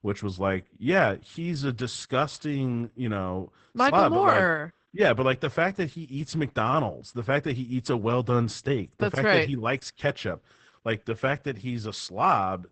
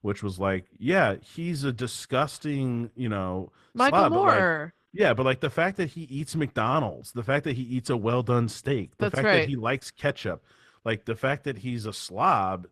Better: second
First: garbled, watery; badly; nothing above 8 kHz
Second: garbled, watery; slightly; nothing above 14 kHz

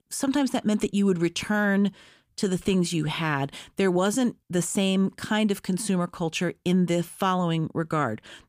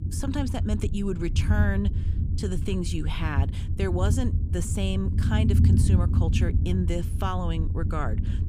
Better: first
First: none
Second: low rumble; loud; throughout; 6 dB below the speech

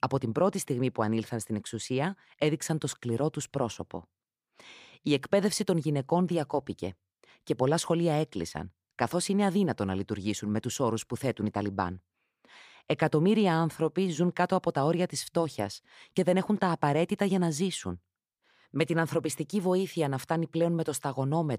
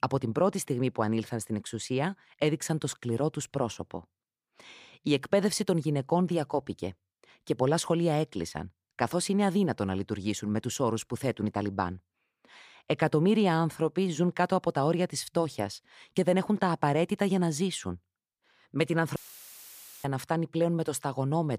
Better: first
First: none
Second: audio cutting out; filled with static; at 19 s for 1 s

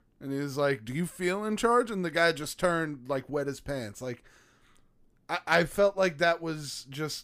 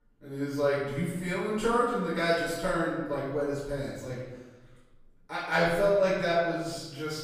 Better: first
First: none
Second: room echo; strong; dies away in 1.1 s // off-mic speech; far

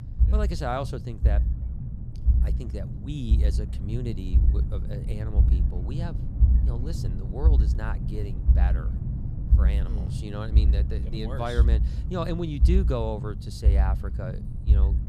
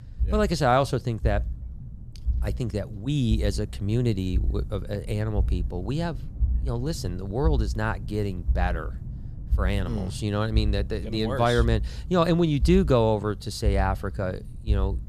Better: second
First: low rumble; loud; throughout; 7 dB below the speech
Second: low rumble; faint; throughout; 20 dB below the speech

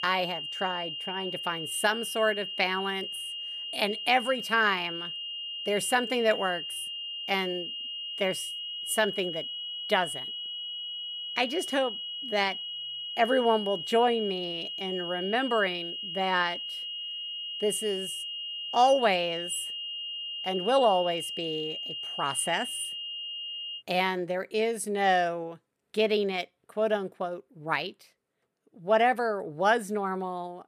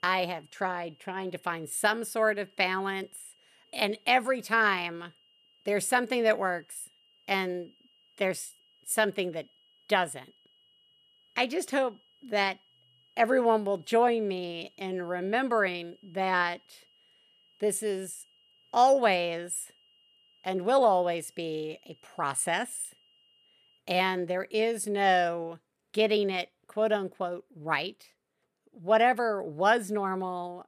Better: second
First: high-pitched whine; loud; until 24 s; 3 kHz, 5 dB below the speech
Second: high-pitched whine; faint; until 24 s; 3 kHz, 35 dB below the speech

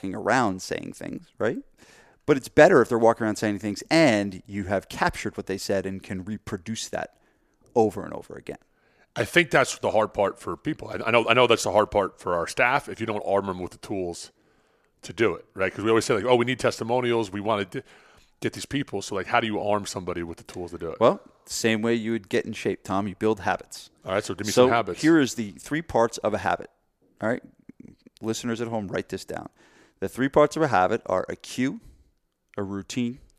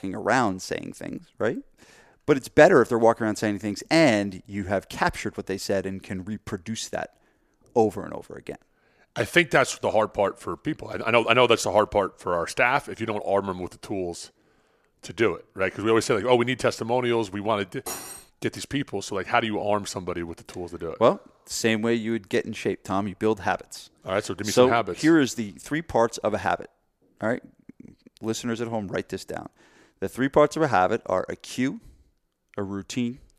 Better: first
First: none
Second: clattering dishes; noticeable; at 18 s; peak 9 dB below the speech

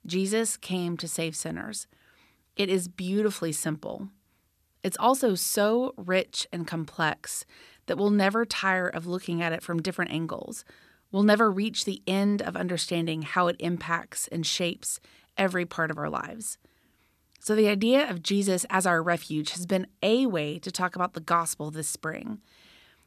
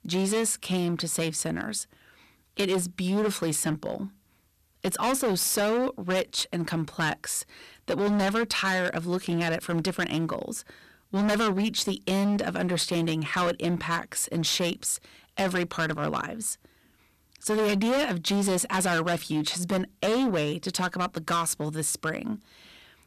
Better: first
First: none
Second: distortion; heavy; 14% of the sound clipped

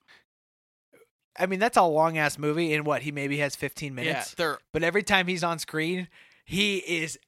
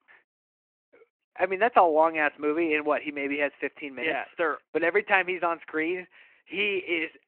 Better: first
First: none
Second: phone-call audio

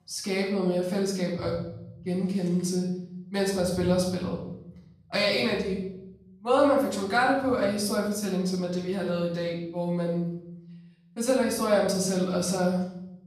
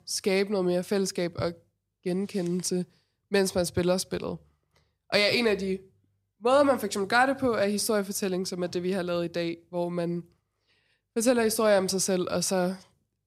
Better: second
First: off-mic speech; far // room echo; noticeable; dies away in 1 s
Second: none

